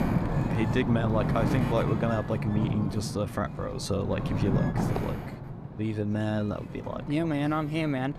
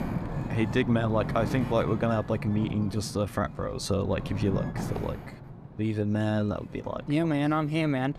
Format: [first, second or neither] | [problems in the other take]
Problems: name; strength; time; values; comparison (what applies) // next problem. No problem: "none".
second | wind noise on the microphone; heavy; 4 dB below the speech; occasional gusts in the second